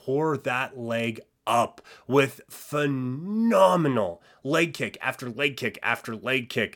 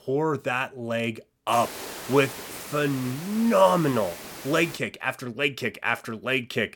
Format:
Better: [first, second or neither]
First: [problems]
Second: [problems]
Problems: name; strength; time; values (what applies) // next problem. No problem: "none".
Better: first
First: none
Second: hiss; noticeable; from 1.5 to 5 s; 10 dB below the speech